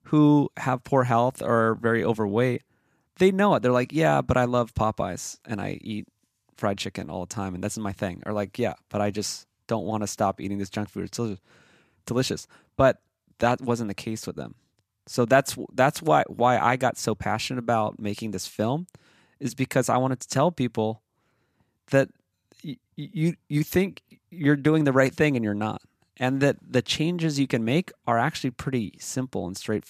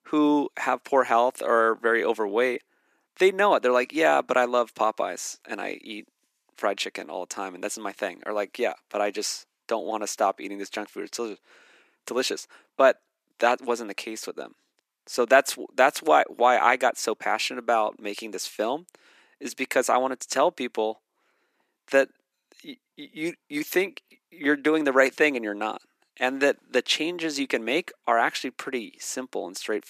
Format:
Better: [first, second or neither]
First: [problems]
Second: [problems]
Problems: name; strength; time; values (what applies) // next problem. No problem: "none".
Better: first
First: none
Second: thin; somewhat; fading below 300 Hz